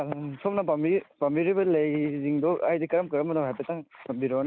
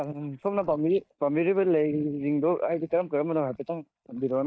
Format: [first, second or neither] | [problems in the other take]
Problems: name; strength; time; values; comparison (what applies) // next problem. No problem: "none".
first | noise reduction (neural mask model DeepFilterNet 3)